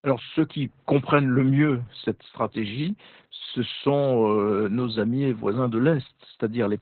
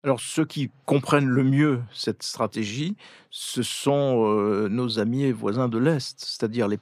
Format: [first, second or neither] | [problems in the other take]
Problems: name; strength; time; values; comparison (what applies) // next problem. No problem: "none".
second | garbled, watery; badly; nothing above 4 kHz